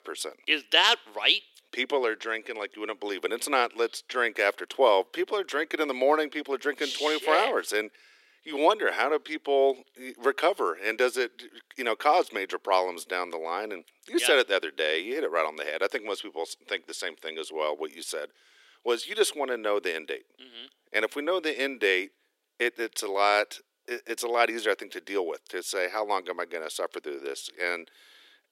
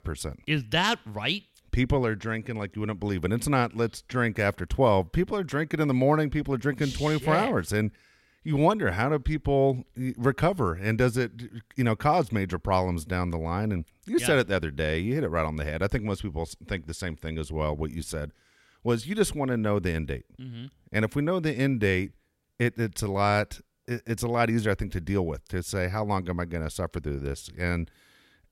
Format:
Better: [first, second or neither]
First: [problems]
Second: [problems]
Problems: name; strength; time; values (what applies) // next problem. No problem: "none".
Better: second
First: thin; very; fading below 350 Hz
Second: none